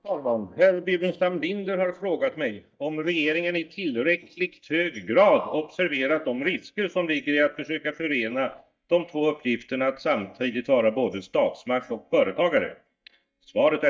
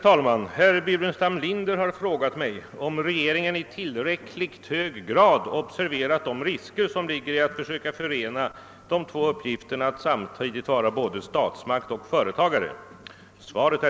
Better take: second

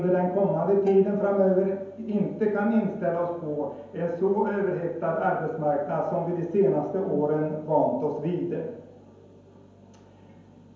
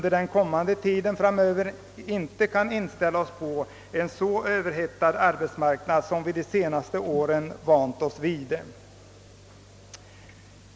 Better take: second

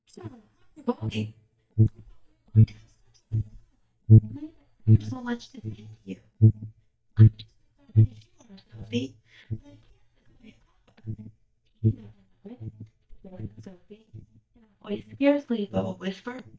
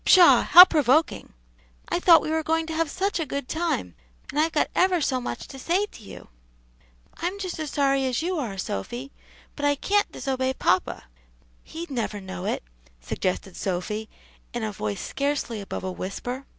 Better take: second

